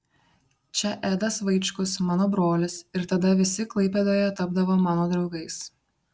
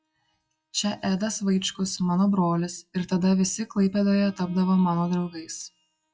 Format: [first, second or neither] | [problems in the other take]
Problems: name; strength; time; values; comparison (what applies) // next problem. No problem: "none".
first | noise reduction (classical method WPE with log-MMSE)